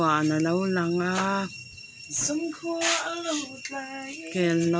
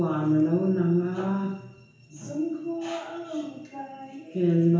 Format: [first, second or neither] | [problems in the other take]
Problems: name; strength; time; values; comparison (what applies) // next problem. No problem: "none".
first | room echo; dies away in 1 s